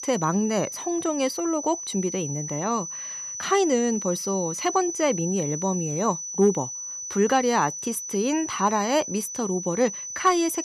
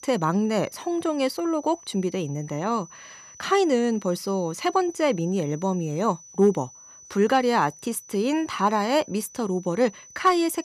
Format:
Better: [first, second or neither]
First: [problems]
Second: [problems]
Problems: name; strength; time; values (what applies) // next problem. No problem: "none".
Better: second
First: high-pitched whine; loud; throughout; 6 kHz, 6 dB below the speech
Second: high-pitched whine; faint; throughout; 6 kHz, 20 dB below the speech